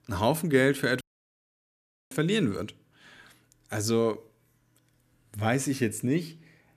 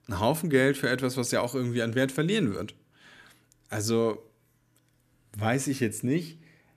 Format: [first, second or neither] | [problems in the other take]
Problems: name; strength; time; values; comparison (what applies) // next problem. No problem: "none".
second | audio cutting out; at 1 s for 1 s